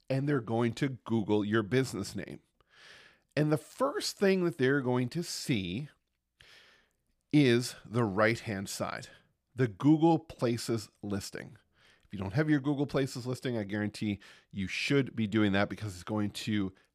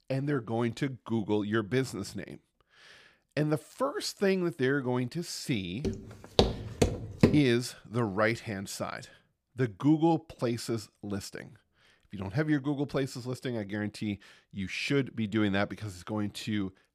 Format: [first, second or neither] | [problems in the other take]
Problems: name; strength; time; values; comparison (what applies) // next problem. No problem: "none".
first | footsteps; loud; from 6 to 7.5 s; peak 4 dB above the speech